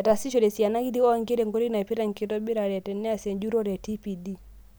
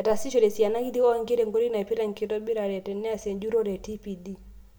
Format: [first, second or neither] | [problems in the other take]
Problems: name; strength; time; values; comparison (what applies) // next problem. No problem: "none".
first | room echo; dies away in 0.4 s